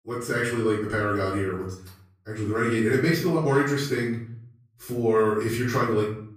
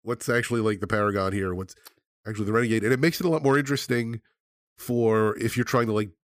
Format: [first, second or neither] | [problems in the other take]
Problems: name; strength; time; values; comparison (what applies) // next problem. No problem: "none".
second | off-mic speech; far // room echo; noticeable; dies away in 0.5 s